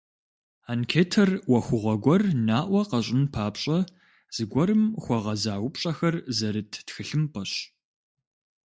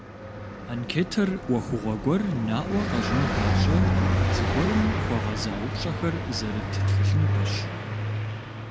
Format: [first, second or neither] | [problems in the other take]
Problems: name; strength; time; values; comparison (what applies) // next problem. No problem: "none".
first | background sound (Car passing by); 3 dB above the speech